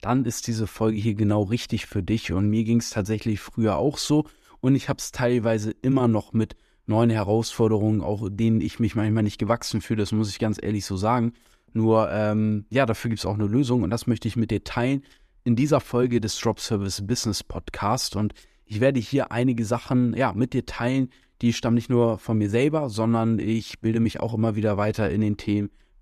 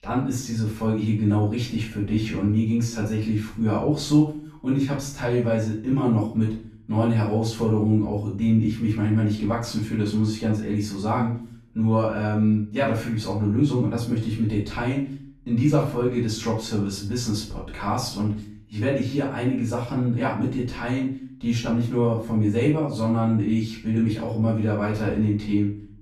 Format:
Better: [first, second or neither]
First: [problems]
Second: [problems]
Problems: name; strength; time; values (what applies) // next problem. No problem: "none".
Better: first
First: none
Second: off-mic speech; far // room echo; noticeable; dies away in 0.4 s